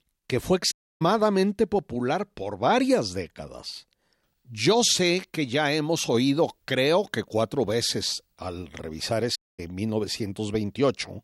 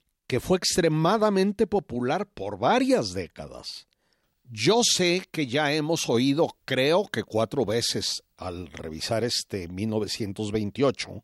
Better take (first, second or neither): second